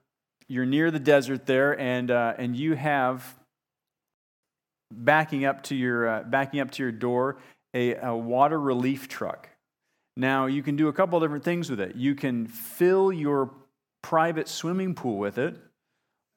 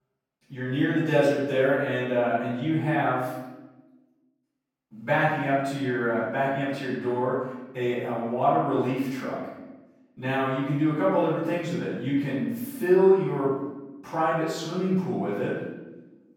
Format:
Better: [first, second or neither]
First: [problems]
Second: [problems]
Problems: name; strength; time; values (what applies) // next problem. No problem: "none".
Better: first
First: none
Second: off-mic speech; far // room echo; strong; dies away in 1 s